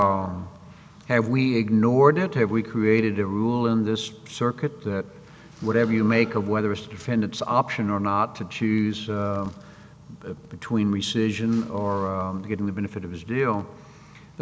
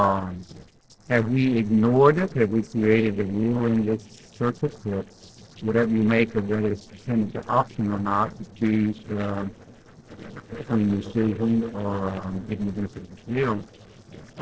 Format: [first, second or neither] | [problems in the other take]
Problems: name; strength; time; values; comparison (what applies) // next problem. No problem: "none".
first | noise reduction (neural separator model SepFormer DNS4)